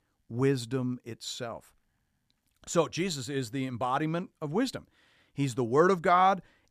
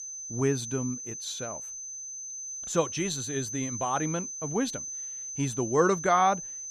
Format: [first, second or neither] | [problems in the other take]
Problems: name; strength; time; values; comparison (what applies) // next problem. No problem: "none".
first | high-pitched whine; loud; throughout; 6 kHz, 6 dB below the speech